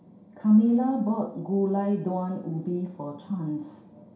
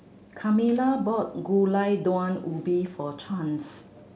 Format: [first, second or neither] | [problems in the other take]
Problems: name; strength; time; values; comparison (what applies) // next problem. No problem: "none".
second | room echo; dies away in 0.5 s